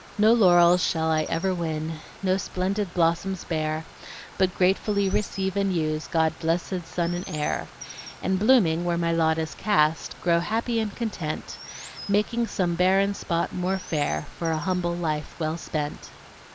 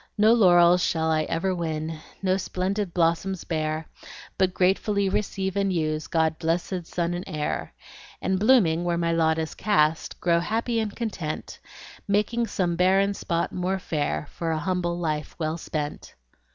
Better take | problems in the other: second | background sound (Stream + Chirp, tweet); 19 dB below the speech

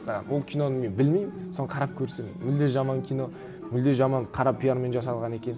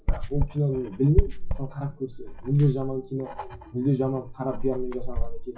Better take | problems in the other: first | noise reduction (classical method WPE with log-MMSE)

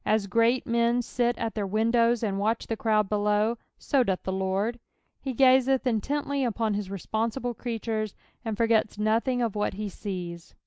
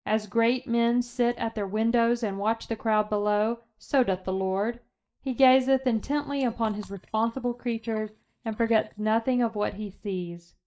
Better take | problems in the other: first | noise reduction (neural mask model DeepFilterNet 3)

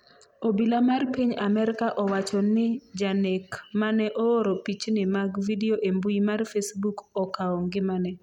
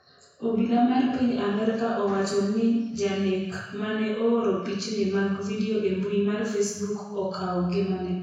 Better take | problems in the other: first | room echo; dies away in 1 s

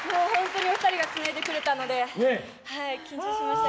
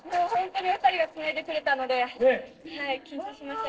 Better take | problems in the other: first | noise reduction (neural separator model SepFormer DNS4)

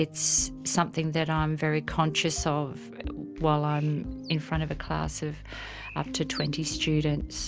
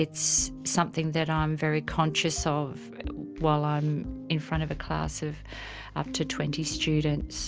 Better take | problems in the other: second | background sound (Bird); 20 dB below the speech

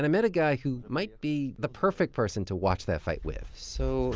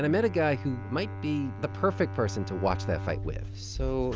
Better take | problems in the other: first | background sound (Bowed string instrument); 8 dB below the speech

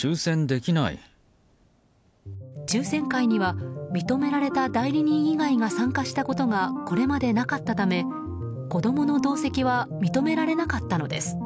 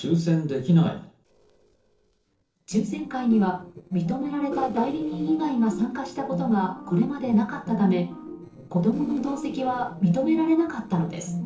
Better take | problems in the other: first | noise reduction (neural separator model SepFormer DNS4)

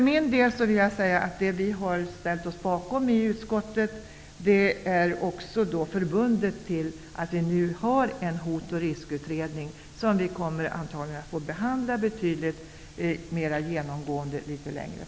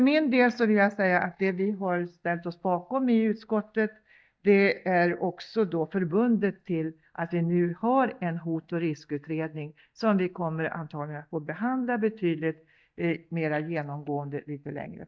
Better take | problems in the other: first | noise reduction (neural mask model DeepFilterNet 3)

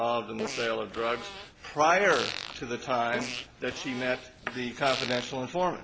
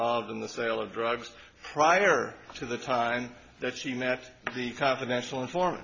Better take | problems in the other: second | background sound (Fart); 10 dB below the speech

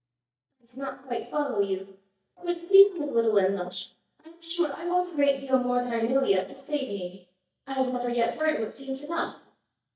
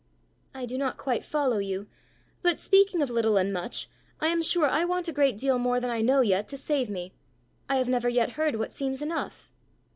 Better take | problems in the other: second | noise reduction (neural mask model DeepFilterNet 3)

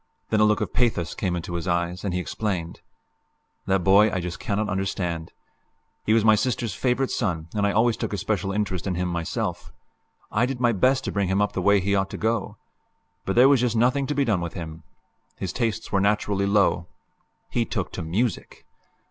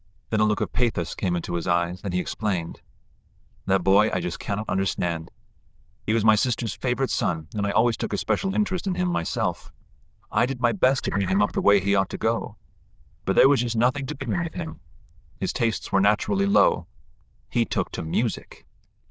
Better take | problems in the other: first | noise reduction (neural diffusion model UNIVERSE++)

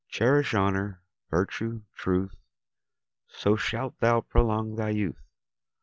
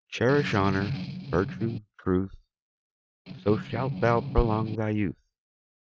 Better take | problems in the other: first | noise reduction (neural mask model RNNoise)

